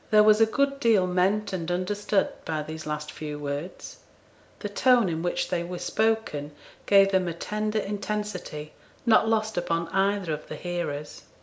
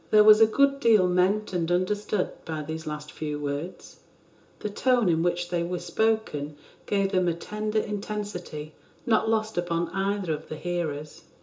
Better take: first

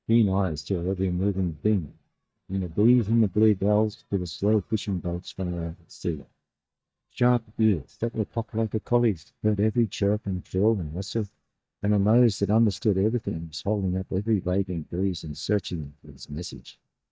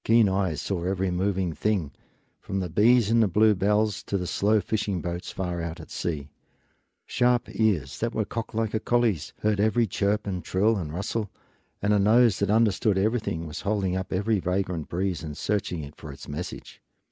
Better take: second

